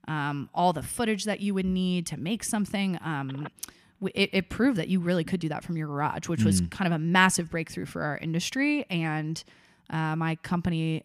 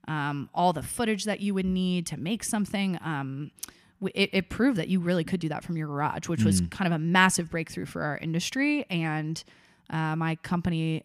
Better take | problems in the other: second | phone ringing; faint; from 3.5 to 4.5 s; peak 20 dB below the speech

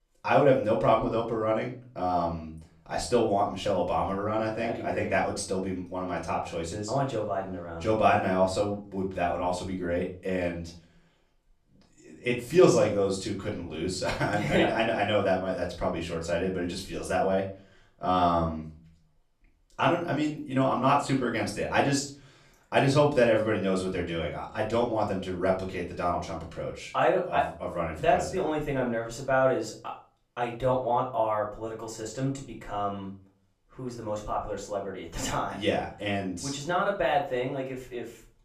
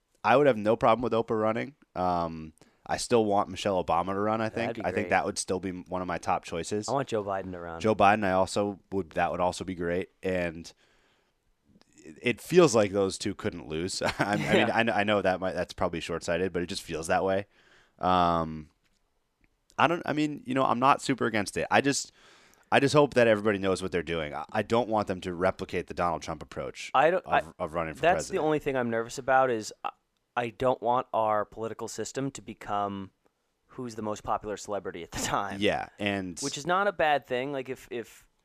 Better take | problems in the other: second | off-mic speech; far // room echo; slight; dies away in 0.4 s

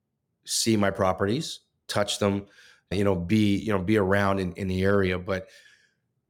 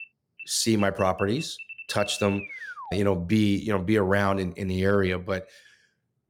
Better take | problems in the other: first | alarm; faint; until 3 s; peak 10 dB below the speech

